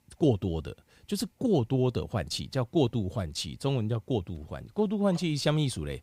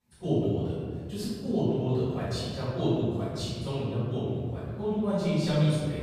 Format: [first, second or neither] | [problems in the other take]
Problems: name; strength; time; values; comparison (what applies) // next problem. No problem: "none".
first | off-mic speech; far // room echo; strong; dies away in 1.8 s